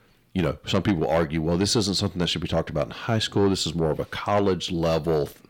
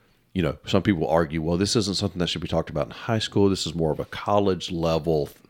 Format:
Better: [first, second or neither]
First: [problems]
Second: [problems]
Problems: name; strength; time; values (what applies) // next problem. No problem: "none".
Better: second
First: distortion; slight; 10 dB below the speech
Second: none